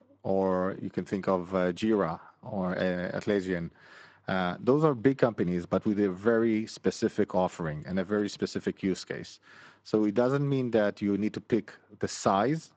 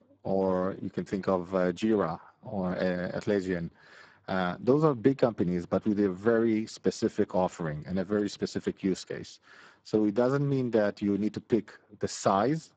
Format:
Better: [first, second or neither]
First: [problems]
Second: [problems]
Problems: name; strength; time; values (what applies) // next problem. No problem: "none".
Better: first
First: garbled, watery; slightly; nothing above 7.5 kHz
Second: garbled, watery; badly; nothing above 7.5 kHz